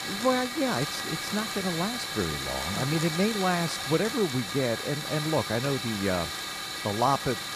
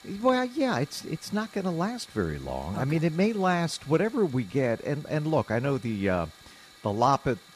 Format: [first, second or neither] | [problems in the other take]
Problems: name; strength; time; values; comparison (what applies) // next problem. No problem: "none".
second | hiss; loud; throughout; 3 dB below the speech; faint in the second